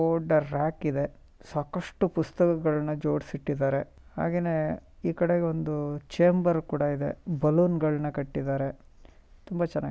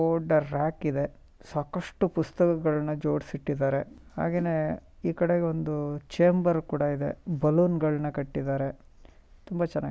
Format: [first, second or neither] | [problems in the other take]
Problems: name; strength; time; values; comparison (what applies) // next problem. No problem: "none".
first | background sound (Whoosh, swoosh, swish); 19 dB below the speech